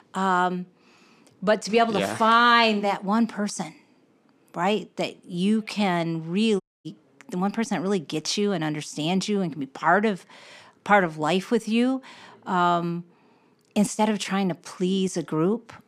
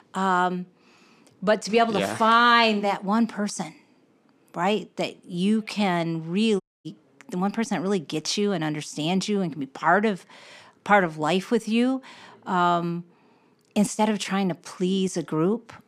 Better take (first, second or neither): neither